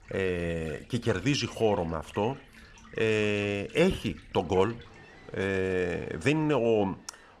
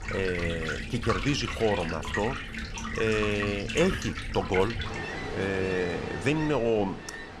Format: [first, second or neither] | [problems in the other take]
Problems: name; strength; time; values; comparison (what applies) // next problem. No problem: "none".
first | rain or running water; loud; throughout; 5 dB below the speech; faint in the first